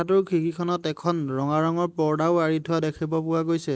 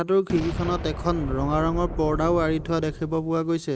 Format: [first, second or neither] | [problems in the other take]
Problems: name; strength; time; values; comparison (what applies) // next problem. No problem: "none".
first | background sound (Boom); 8 dB below the speech